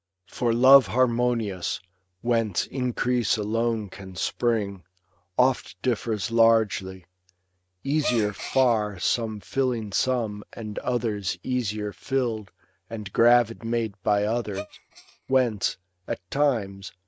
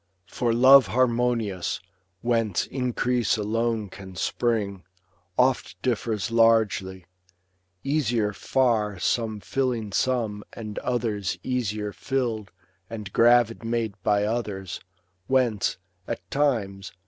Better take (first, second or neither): second